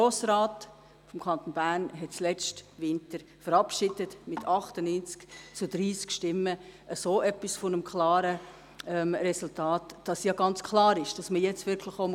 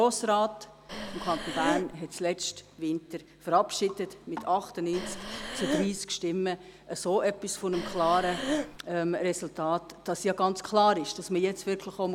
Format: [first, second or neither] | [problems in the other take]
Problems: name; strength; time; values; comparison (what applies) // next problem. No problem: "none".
first | background sound (Breathing); 4 dB below the speech